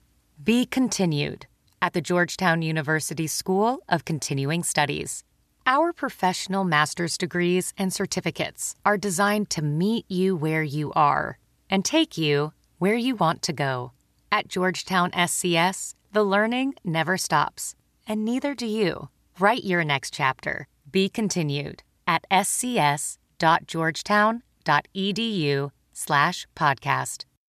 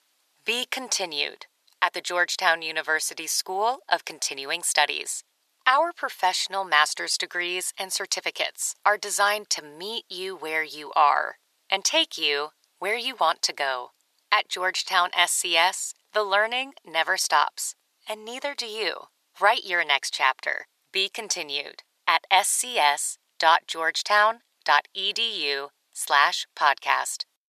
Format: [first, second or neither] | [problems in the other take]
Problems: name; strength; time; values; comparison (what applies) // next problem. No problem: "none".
first | thin; very; fading below 550 Hz